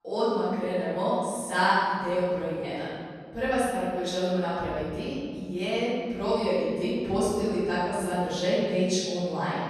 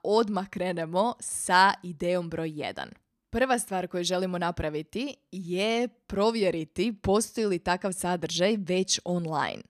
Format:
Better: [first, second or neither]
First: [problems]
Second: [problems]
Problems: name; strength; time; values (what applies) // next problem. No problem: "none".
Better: second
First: off-mic speech; far // room echo; strong; dies away in 2 s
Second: none